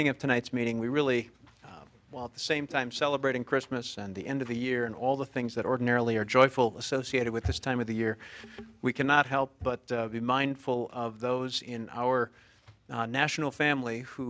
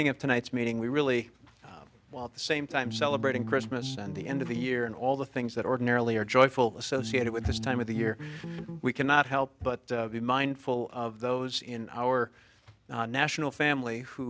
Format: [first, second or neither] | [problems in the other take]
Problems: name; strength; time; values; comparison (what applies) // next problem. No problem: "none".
first | background sound (Bass guitar); 8 dB below the speech